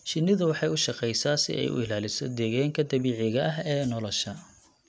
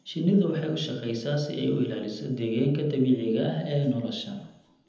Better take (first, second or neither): first